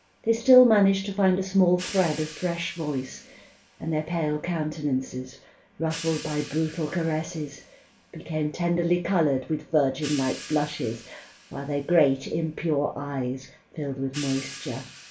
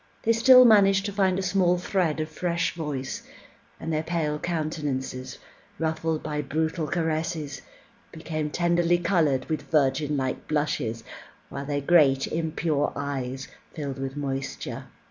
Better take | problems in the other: second | background sound (Hi-hat); 19 dB below the speech // room echo; dies away in 0.3 s

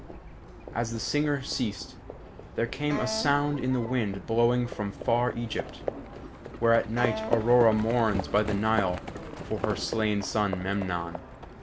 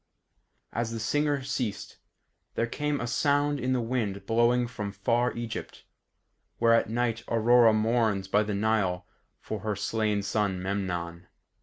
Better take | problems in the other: second | background sound (Wind instrument, woodwind instrument + Livestock, farm animals, working animals); 9 dB below the speech

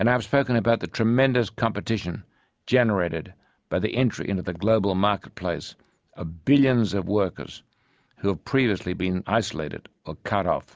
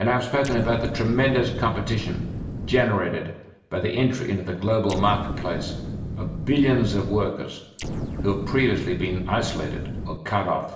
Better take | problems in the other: first | background sound (Explosion); 6 dB below the speech // room echo; dies away in 0.8 s

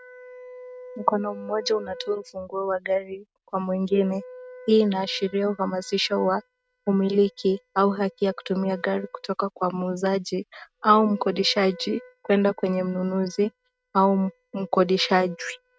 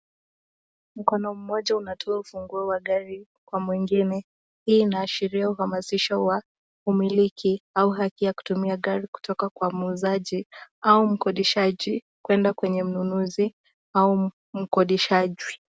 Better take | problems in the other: second | noise reduction (neural mask model RNNoise)

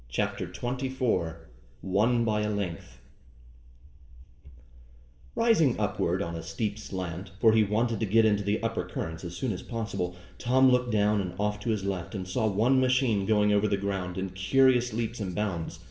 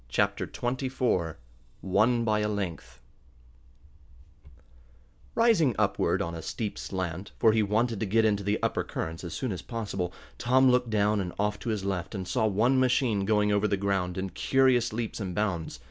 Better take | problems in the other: second | room echo; dies away in 0.7 s

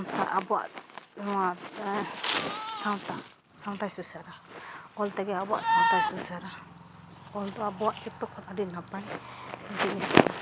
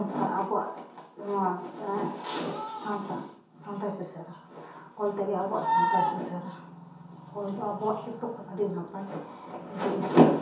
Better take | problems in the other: first | room echo; dies away in 0.6 s

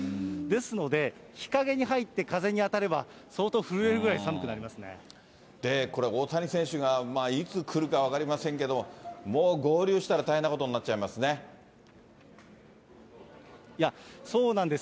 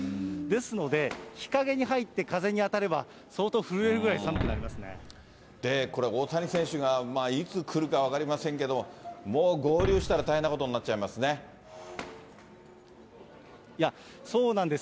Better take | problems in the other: first | background sound (Shatter); 13 dB below the speech

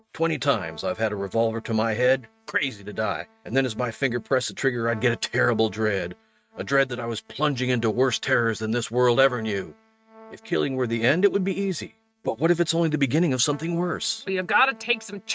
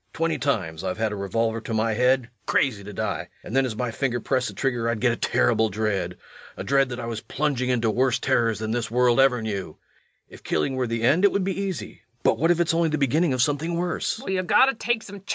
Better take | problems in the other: second | noise reduction (neural mask model RNNoise)

